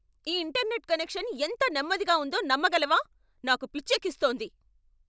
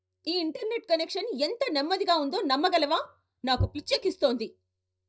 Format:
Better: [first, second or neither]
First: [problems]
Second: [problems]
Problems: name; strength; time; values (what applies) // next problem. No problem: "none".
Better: first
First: none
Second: noise reduction (neural mask model DeepFilterNet 3)